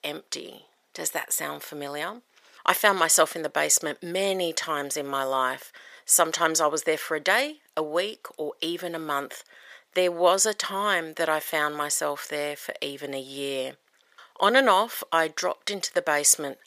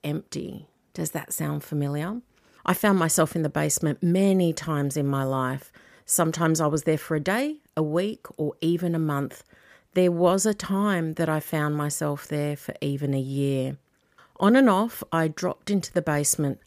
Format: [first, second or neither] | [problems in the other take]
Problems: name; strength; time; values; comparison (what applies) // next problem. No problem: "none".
second | thin; very; fading below 650 Hz